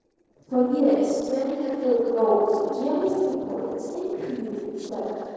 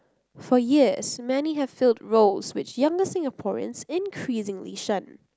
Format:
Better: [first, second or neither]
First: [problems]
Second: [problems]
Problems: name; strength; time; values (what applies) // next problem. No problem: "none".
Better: second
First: noise reduction (neural separator model SepFormer DNS4)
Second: none